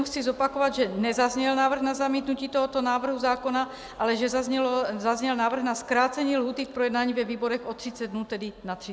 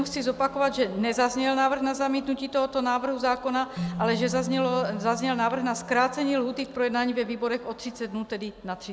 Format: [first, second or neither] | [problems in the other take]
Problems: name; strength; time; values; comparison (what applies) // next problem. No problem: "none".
first | background sound (Keyboard (musical)); 14 dB below the speech